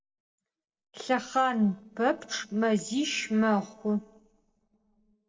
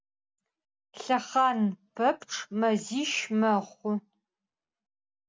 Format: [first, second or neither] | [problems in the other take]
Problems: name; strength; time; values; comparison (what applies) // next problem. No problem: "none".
second | noise reduction (neural separator model SepFormer DNS4)